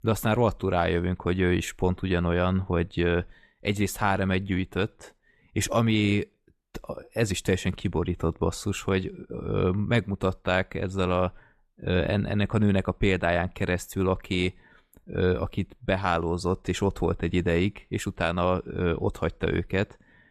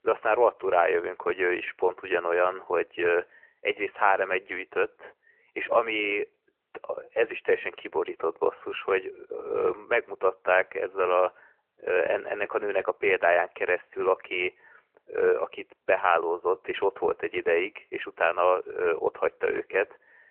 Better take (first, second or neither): first